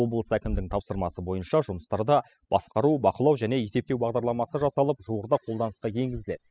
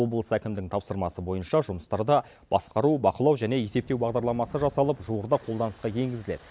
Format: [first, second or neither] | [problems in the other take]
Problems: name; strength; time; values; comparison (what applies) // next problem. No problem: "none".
second | noise reduction (classical method spectral subtraction)